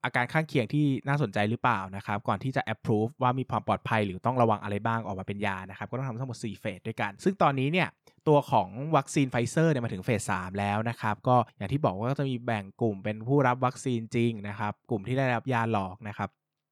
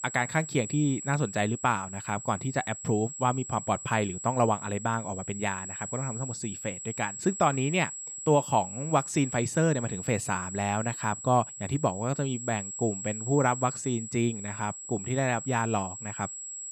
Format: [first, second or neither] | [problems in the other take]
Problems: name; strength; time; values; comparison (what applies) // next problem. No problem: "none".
first | high-pitched whine; loud; throughout; 7.5 kHz, 8 dB below the speech